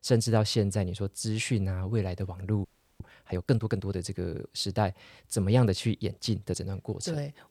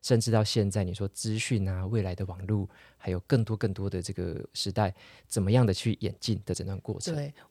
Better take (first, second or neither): second